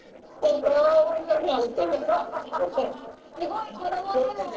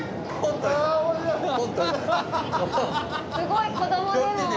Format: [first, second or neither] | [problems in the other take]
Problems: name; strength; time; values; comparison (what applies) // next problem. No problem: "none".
second | noise reduction (neural separator model SepFormer DNS4)